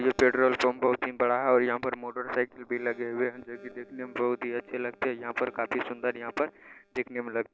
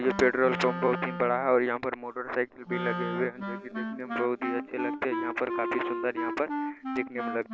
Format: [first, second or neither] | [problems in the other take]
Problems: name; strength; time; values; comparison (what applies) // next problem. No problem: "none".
first | background sound (Wind instrument, woodwind instrument); 5 dB below the speech